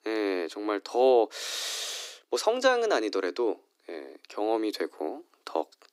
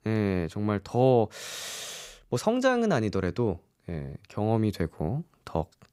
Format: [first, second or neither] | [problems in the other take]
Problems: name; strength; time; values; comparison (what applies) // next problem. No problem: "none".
second | thin; very; fading below 300 Hz